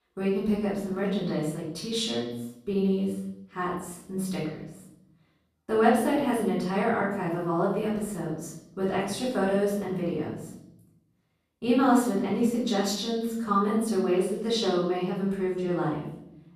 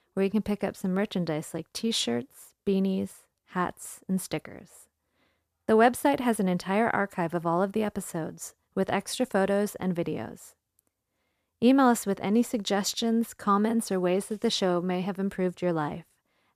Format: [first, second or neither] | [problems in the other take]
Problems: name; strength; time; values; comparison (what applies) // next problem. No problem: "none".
second | off-mic speech; far // room echo; noticeable; dies away in 0.8 s